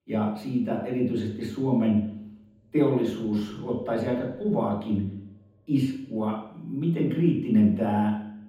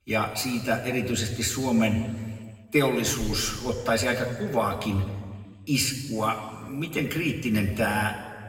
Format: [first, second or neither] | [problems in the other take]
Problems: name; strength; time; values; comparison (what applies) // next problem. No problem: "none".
second | room echo; strong; dies away in 0.9 s; slight in the second // off-mic speech; far; somewhat distant in the second